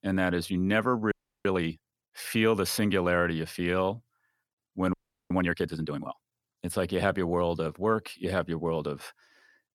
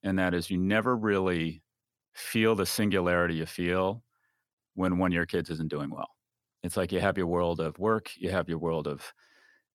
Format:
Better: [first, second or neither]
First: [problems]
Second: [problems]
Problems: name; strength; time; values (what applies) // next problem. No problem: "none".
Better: second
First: audio freezing; at 1 s and at 5 s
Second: none